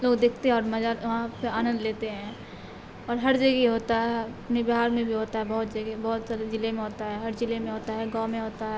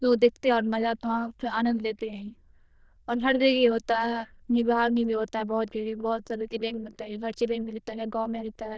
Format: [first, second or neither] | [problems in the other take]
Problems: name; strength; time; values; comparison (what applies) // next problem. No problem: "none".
first | noise reduction (neural diffusion model UNIVERSE++)